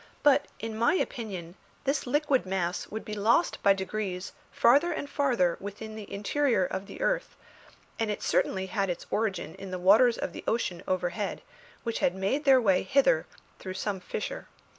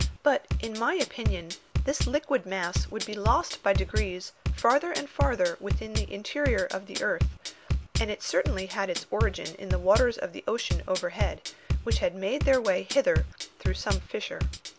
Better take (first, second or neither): first